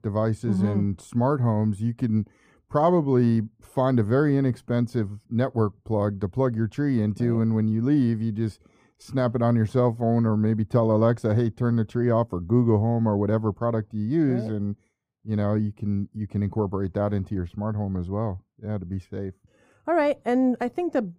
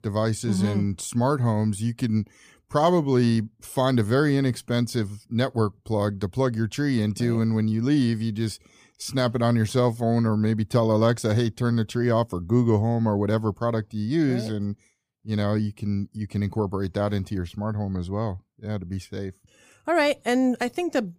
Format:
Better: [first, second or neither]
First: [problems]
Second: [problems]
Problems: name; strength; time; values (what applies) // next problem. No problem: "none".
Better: second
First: muffled; slightly; fading above 2 kHz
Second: none